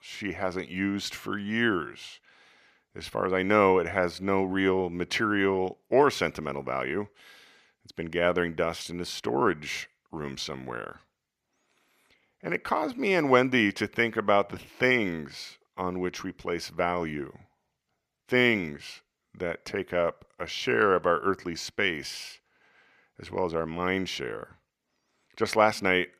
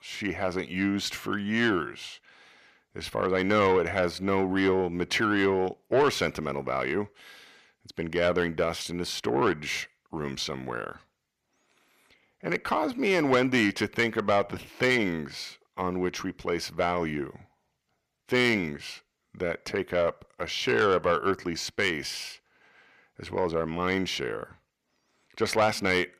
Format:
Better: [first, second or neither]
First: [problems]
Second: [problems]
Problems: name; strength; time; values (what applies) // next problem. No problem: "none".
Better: first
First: none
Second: distortion; slight; 10 dB below the speech